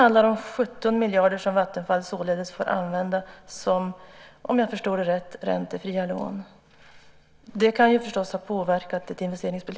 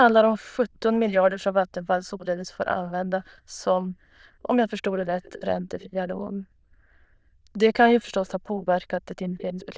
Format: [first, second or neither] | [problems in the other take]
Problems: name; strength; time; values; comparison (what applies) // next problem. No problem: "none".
first | noise reduction (neural diffusion model UNIVERSE++)